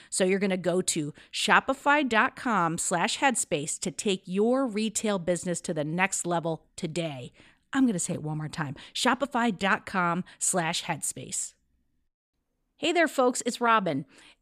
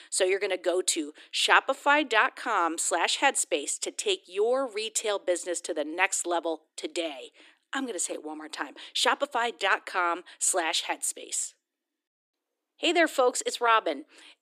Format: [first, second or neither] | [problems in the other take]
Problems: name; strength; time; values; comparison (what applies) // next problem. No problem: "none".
first | thin; somewhat; fading below 300 Hz